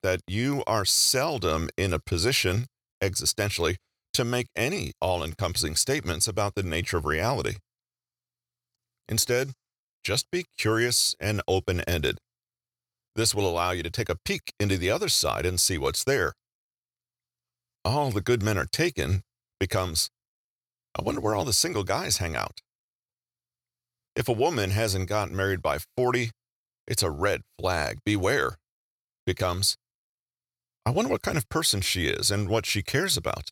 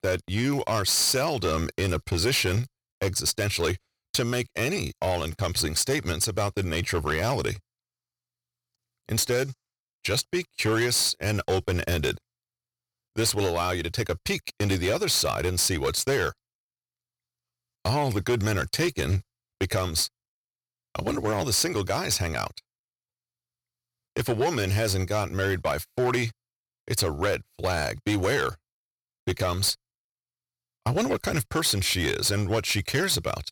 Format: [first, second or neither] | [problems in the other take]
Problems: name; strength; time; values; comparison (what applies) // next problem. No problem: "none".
first | distortion; slight; 7% of the sound clipped